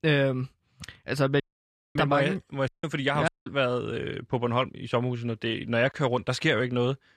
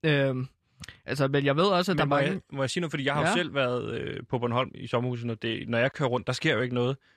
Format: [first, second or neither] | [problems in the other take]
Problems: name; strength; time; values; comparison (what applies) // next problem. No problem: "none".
second | audio cutting out; at 1.5 s for 0.5 s, at 2.5 s and at 3.5 s